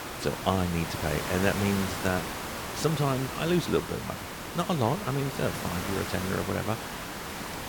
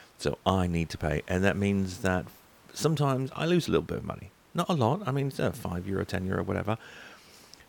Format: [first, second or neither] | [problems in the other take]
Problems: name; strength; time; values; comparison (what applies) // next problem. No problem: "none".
second | hiss; loud; throughout; 5 dB below the speech; faint in the second